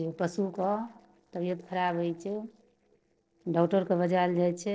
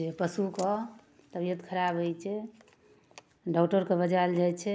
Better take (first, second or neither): second